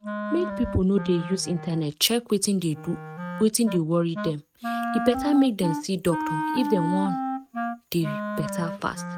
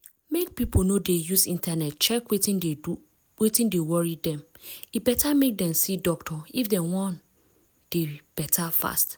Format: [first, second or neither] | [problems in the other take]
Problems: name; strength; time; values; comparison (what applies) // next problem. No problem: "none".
second | noise reduction (neural mask model RNNoise)